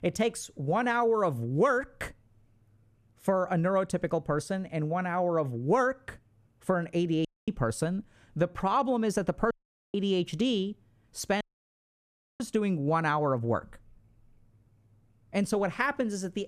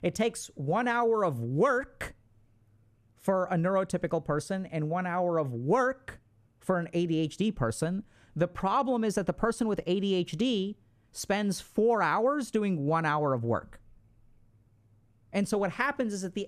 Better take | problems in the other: second | audio cutting out; at 7.5 s, at 9.5 s and at 11 s for 1 s

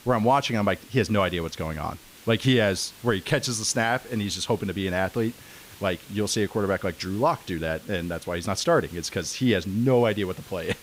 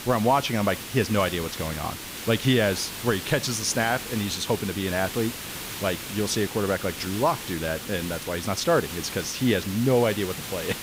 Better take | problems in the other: first | hiss; loud; throughout; 8 dB below the speech; faint in the first

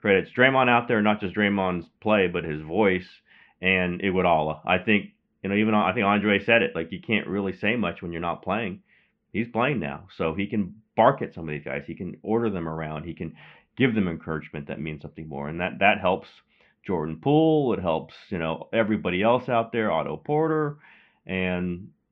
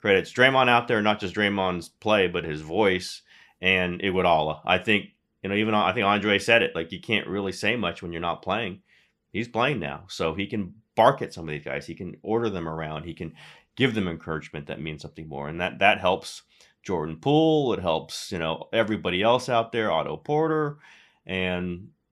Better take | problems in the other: second | muffled; very; fading above 2.5 kHz

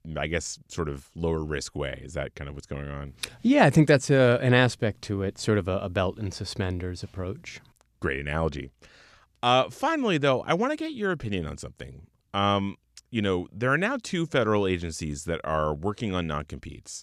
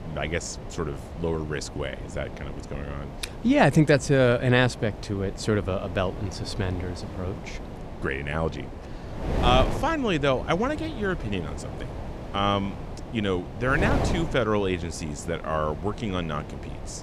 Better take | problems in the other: first | wind noise on the microphone; occasional gusts; 10 dB below the speech

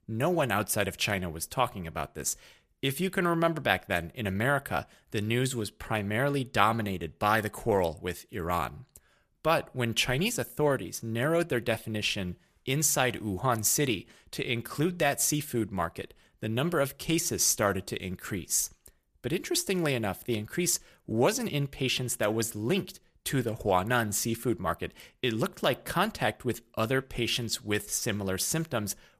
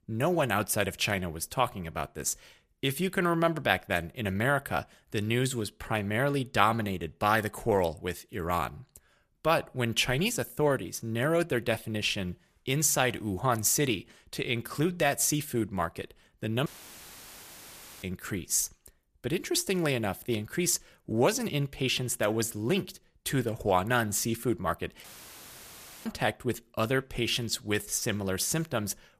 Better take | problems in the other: first | audio cutting out; filled with static; at 17 s for 1.5 s and at 25 s for 1 s

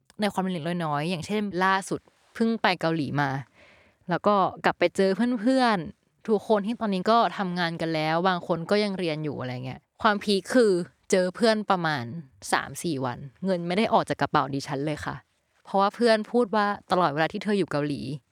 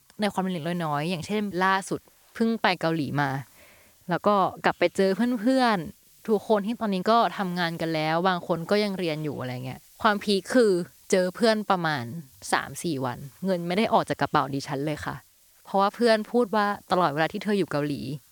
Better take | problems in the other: first | hiss; faint; throughout; 30 dB below the speech

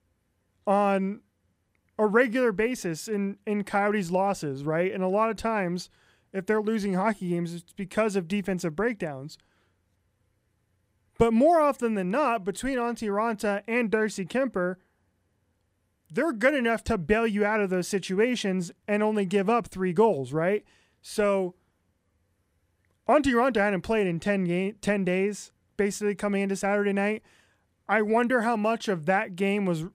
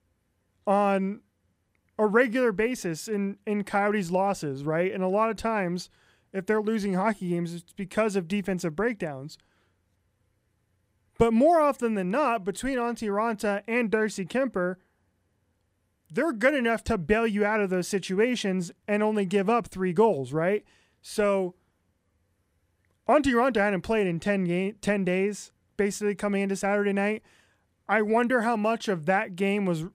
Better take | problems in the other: neither | none

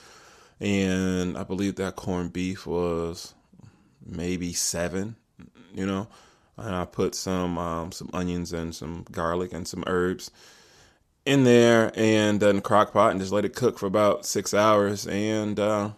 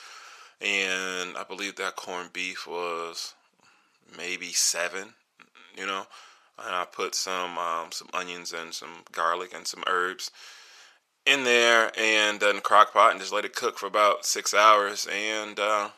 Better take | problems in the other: first | thin; very; fading below 650 Hz

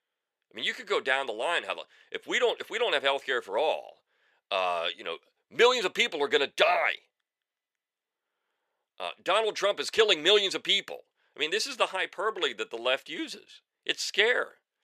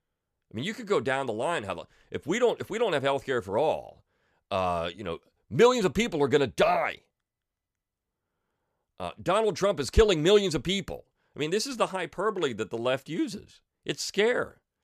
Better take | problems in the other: second | thin; somewhat; fading below 500 Hz

